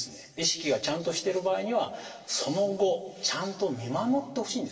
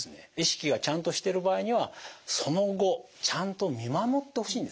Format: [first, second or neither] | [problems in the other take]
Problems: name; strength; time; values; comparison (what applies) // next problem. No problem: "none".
second | room echo; dies away in 1.6 s